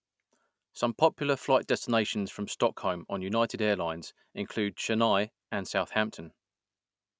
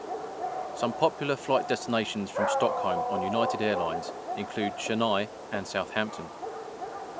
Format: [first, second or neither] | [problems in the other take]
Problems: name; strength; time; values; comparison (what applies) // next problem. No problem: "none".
first | background sound (Dog); 3 dB below the speech